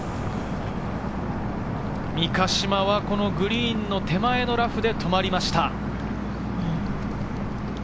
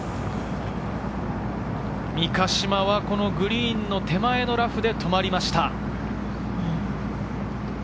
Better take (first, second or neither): second